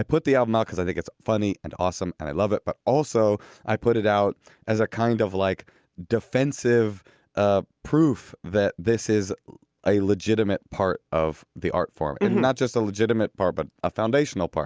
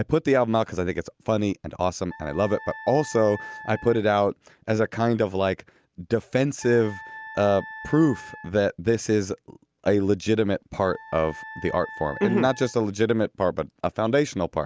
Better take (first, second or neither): first